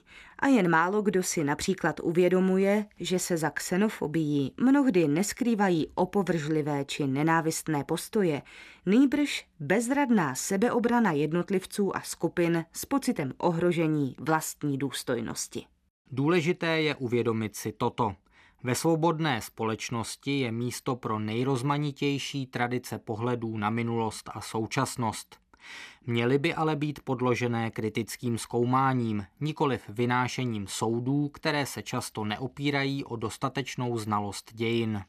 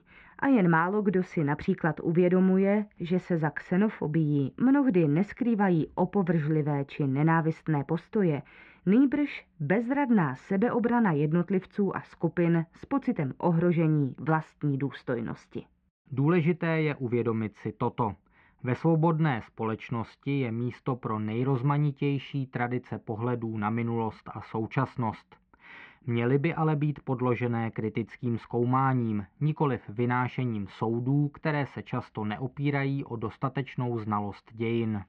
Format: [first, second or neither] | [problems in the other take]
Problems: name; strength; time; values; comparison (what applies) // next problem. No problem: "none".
first | muffled; very; fading above 2.5 kHz